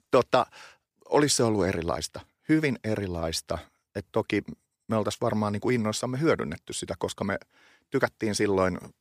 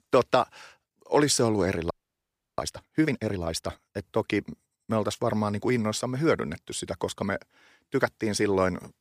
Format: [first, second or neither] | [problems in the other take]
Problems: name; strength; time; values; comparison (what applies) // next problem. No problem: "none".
first | audio freezing; at 2 s for 0.5 s